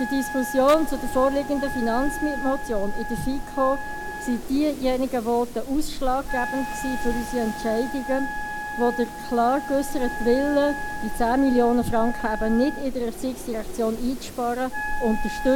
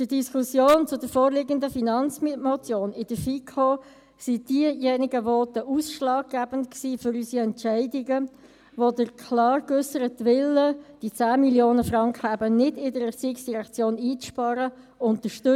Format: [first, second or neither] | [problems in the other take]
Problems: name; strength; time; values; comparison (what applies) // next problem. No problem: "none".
second | background sound (Wind + Wind instrument, woodwind instrument); 5 dB below the speech